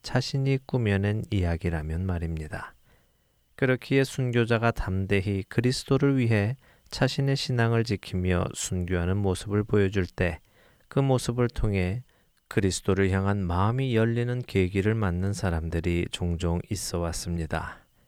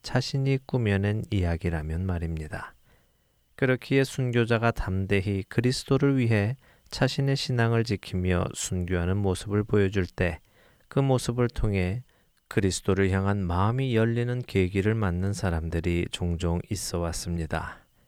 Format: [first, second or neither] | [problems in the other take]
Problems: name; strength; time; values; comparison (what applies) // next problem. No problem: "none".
neither | none